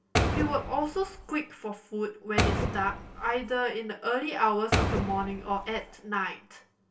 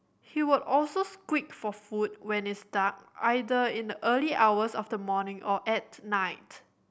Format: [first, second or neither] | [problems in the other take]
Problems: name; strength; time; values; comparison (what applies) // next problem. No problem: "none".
second | background sound (Door); as loud as the speech // room echo; dies away in 0.2 s